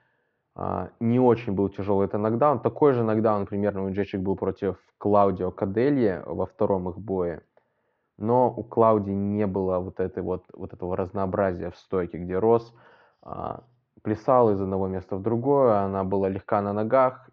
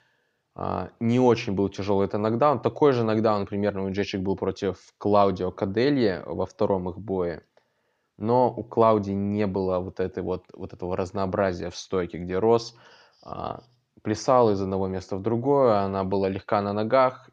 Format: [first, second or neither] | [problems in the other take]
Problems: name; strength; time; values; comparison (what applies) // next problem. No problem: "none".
second | muffled; very; fading above 1.5 kHz